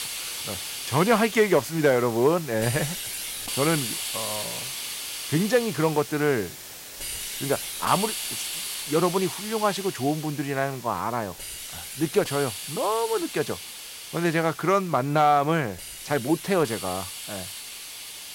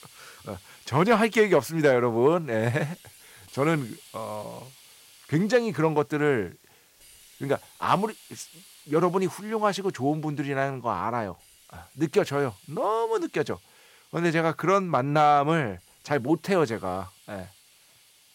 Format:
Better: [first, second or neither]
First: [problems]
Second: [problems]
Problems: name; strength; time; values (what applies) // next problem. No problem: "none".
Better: second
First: hiss; loud; throughout; 7 dB below the speech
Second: hiss; faint; throughout; 25 dB below the speech